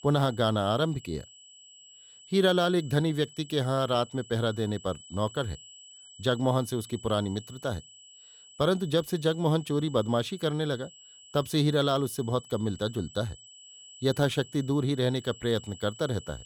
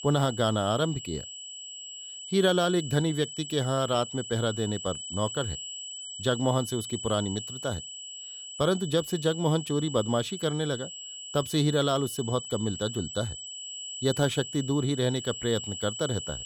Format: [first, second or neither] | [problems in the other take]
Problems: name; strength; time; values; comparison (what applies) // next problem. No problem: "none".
first | high-pitched whine; loud; throughout; 3 kHz, 9 dB below the speech; faint in the first